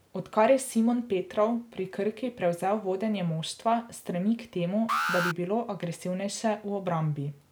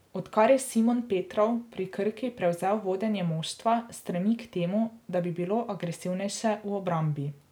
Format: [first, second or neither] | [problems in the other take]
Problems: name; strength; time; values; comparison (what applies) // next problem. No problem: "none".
second | background sound (Alarm); 5 dB below the speech